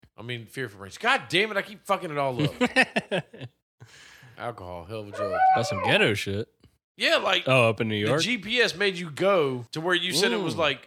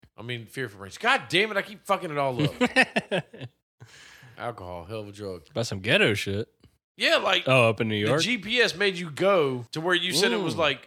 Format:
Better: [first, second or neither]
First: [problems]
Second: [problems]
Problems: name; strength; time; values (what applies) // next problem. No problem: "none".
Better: second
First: dog barking; loud; at 5 s; peak 2 dB above the speech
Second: none